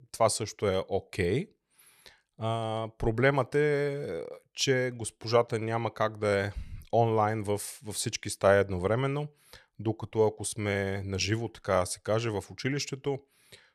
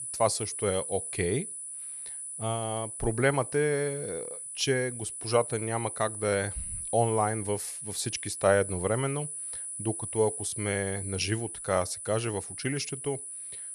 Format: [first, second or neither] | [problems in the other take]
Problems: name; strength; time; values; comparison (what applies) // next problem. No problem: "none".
first | high-pitched whine; loud; throughout; 10 kHz, 6 dB below the speech